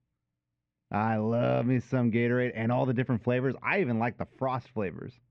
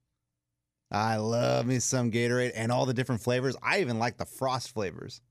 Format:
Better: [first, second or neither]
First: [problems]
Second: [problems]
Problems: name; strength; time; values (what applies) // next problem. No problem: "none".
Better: second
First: muffled; very; fading above 2.5 kHz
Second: none